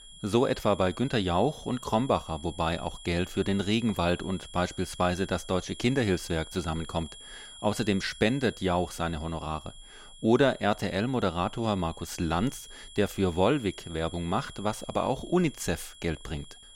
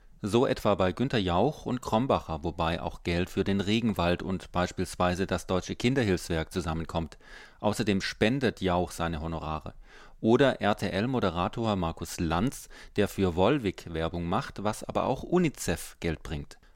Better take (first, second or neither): second